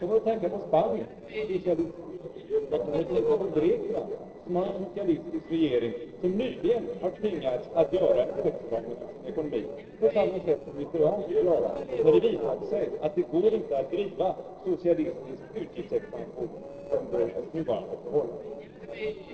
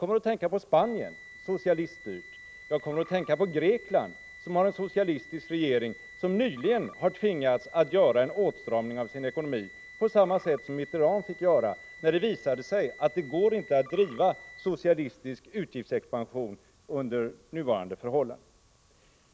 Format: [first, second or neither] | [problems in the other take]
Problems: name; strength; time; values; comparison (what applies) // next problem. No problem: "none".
second | noise reduction (neural separator model SepFormer DNS4)